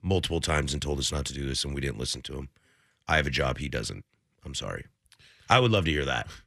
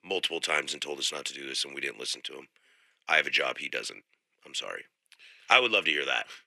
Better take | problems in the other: first | thin; very; fading below 350 Hz

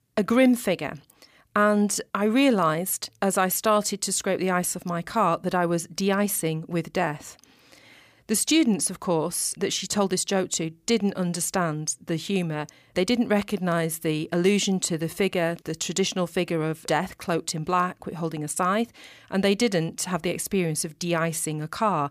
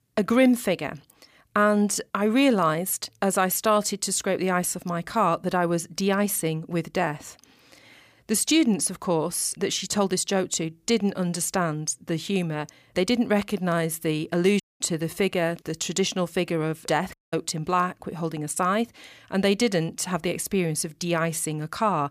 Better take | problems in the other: first | audio cutting out; at 15 s and at 17 s

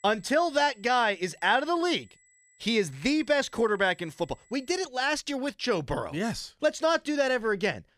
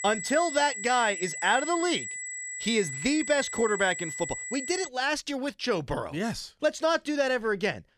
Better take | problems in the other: first | high-pitched whine; loud; until 5 s; 2 kHz, 6 dB below the speech; faint in the first

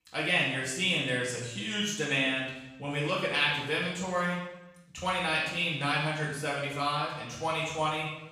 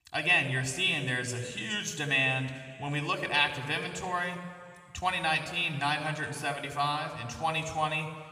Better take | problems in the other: second | room echo; strong; dies away in 0.9 s; slight in the second // off-mic speech; far; somewhat distant in the second

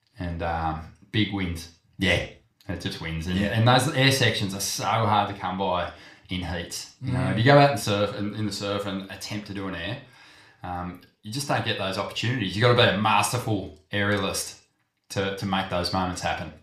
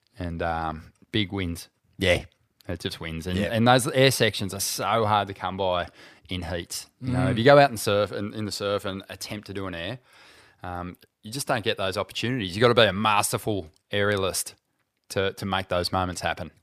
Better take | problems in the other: second | room echo; slight; dies away in 0.4 s // off-mic speech; somewhat distant

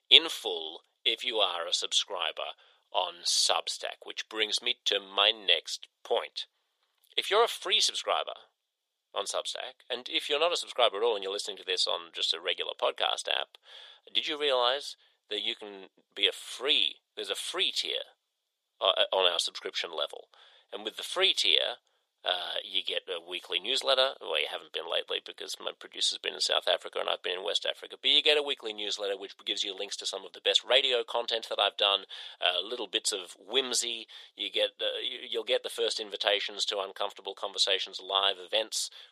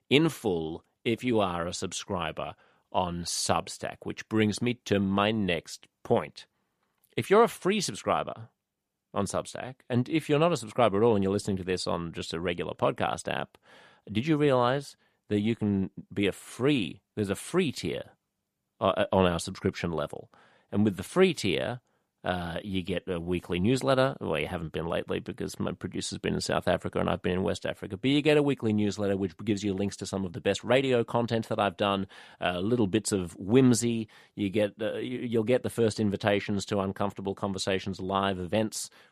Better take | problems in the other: second | thin; very; fading below 500 Hz

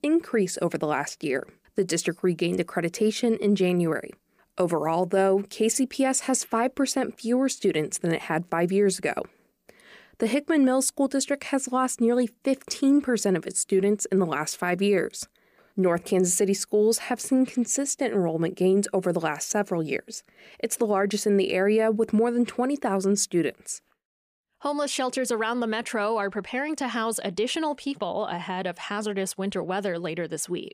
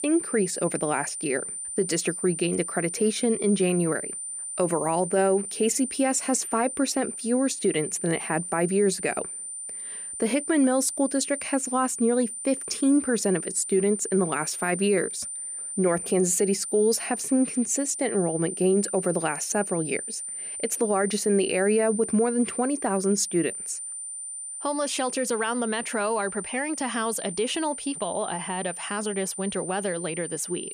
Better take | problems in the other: first | high-pitched whine; loud; throughout; 9 kHz, 6 dB below the speech

